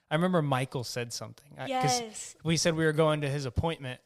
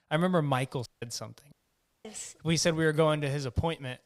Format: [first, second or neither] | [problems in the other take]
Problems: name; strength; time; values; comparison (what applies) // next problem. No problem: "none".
first | audio cutting out; at 1 s and at 1.5 s for 0.5 s